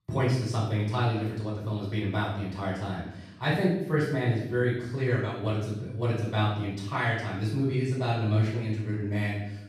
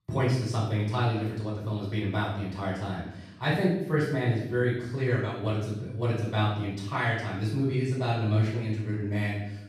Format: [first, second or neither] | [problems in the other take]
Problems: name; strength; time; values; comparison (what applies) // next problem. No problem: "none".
neither | off-mic speech; far; the same in both // room echo; noticeable; dies away in 0.7 s; the same in both